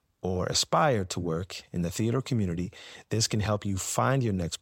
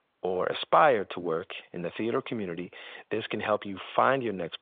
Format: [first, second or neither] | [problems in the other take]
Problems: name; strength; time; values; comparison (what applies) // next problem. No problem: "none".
first | phone-call audio; nothing above 3.5 kHz